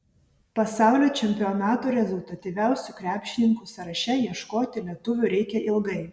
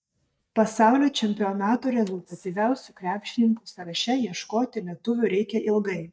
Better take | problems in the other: first | noise reduction (neural mask model DeepFilterNet 3)

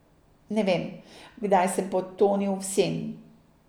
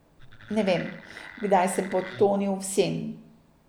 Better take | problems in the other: first | background sound (Wood); 16 dB below the speech

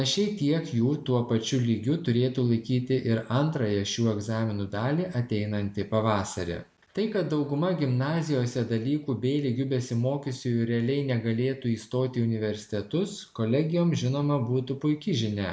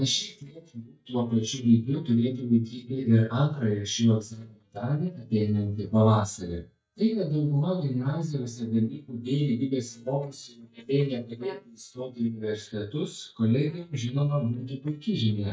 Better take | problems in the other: first | noise reduction (neural mask model DeepFilterNet 3)

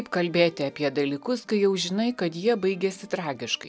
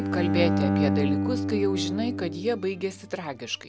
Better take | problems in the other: first | background sound (Bowed string instrument); 2 dB above the speech

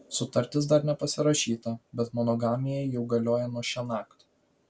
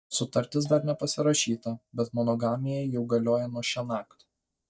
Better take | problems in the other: first | noise reduction (neural mask model DeepFilterNet 3)

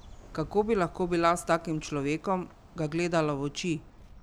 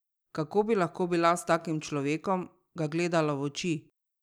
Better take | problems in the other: second | background sound (Bird); 19 dB below the speech

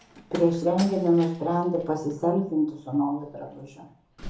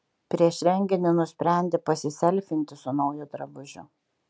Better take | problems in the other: second | background sound (Slam); 19 dB below the speech // room echo; dies away in 0.9 s

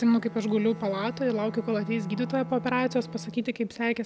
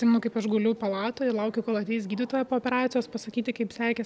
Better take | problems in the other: second | background sound (Bowed string instrument); 13 dB below the speech

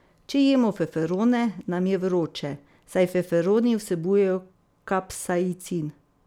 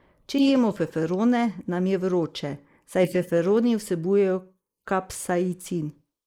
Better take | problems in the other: first | noise reduction (neural mask model Resemble Enhance denoiser)

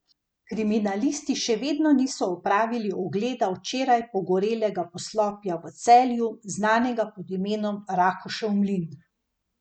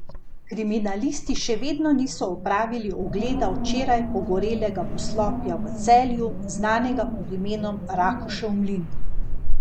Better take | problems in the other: first | background sound (Wind); 2 dB above the speech

